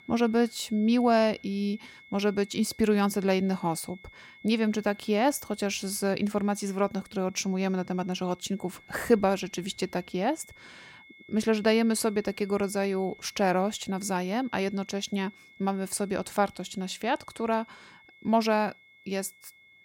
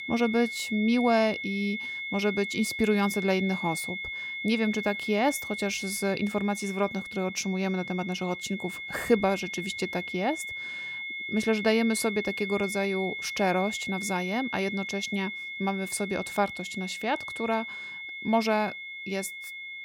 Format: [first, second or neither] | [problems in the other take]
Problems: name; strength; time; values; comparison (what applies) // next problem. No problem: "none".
first | high-pitched whine; loud; throughout; 2 kHz, 6 dB below the speech; faint in the first